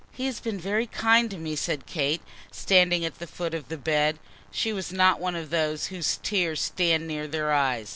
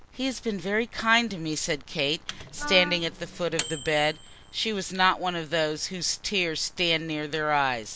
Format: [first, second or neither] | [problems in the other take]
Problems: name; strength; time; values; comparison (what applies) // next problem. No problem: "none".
first | background sound (Wind instrument, woodwind instrument + Microwave oven); 11 dB below the speech